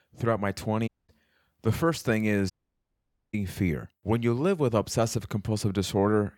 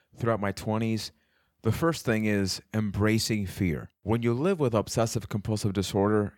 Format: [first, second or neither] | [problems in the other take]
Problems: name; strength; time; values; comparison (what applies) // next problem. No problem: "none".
second | audio cutting out; at 1 s and at 2.5 s for 1 s